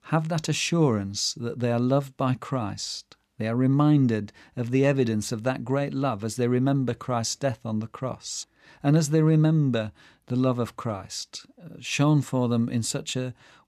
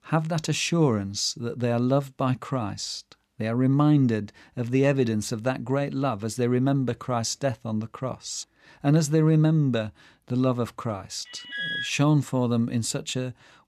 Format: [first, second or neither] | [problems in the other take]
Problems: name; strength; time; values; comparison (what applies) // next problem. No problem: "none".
first | alarm; noticeable; at 11 s; peak 3 dB below the speech